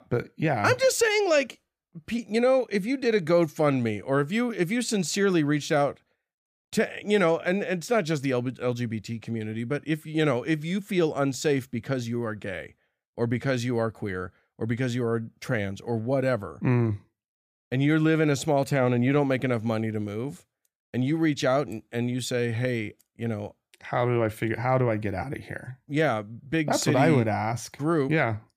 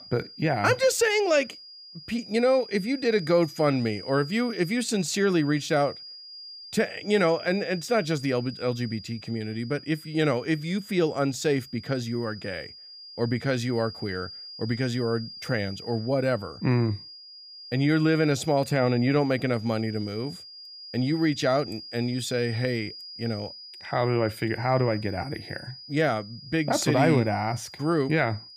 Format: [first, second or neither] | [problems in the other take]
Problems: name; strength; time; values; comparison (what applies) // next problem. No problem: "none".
first | high-pitched whine; noticeable; throughout; 5 kHz, 15 dB below the speech